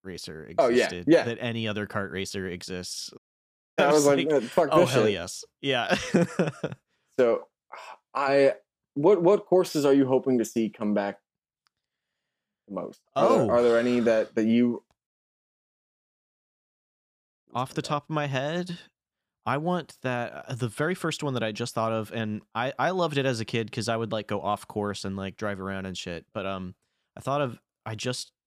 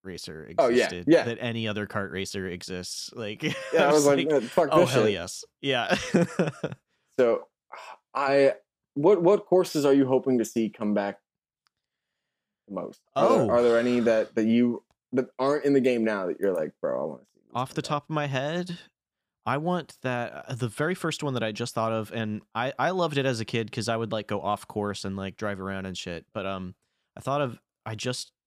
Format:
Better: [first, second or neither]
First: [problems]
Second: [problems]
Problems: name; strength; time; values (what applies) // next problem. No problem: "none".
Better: second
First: audio cutting out; at 3 s for 0.5 s and at 15 s for 2.5 s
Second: none